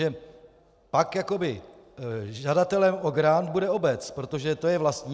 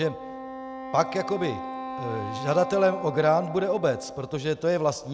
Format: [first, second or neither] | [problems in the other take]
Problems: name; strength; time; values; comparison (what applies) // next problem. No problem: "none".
first | background sound (Wind instrument, woodwind instrument); 10 dB below the speech